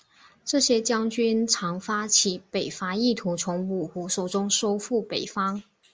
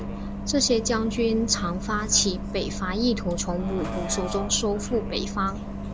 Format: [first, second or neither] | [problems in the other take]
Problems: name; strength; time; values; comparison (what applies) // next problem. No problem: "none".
first | background sound (Bus); 5 dB below the speech